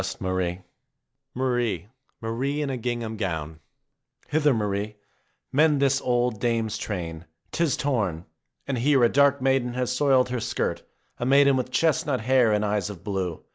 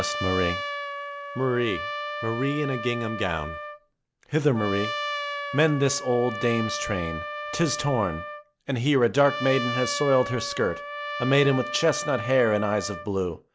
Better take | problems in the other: first | background sound (Trumpet); 7 dB below the speech

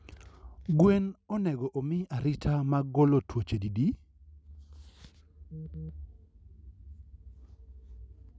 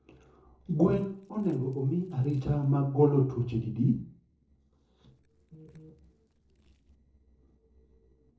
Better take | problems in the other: first | noise reduction (neural separator model SepFormer DNS4)

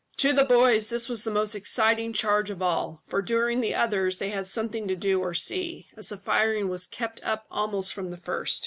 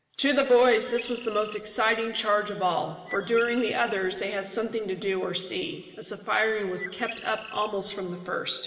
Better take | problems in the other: first | background sound (Bird); 15 dB below the speech // room echo; dies away in 3 s

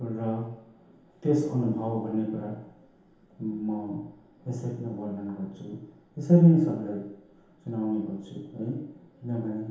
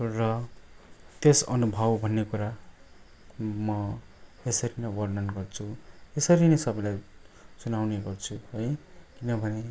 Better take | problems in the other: second | room echo; dies away in 0.8 s

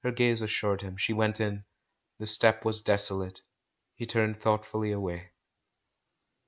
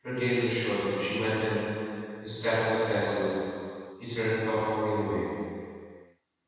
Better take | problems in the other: first | room echo; dies away in 2.1 s

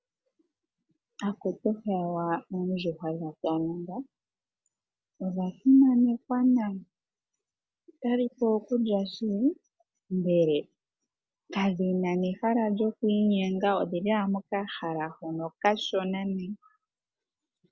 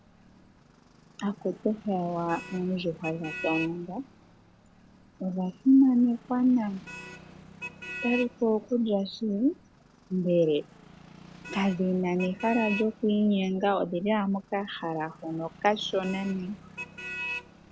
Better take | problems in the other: first | background sound (Motor vehicle (road)); 15 dB below the speech

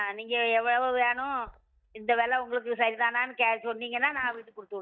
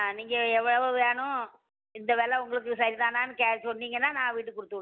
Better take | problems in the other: second | noise reduction (neural mask model DeepFilterNet 3)

